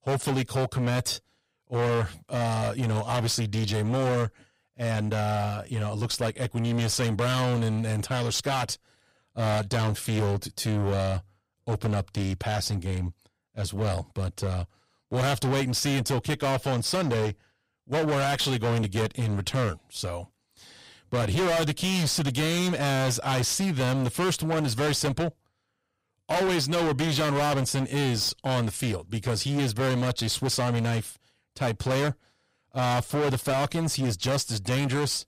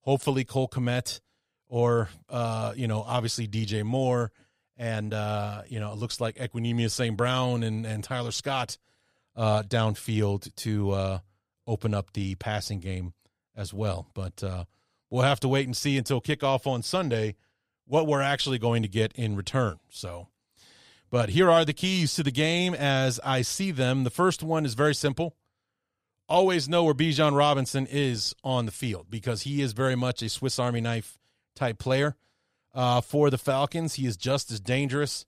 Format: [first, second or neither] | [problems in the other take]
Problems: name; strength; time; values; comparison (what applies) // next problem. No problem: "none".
second | distortion; heavy; 24% of the sound clipped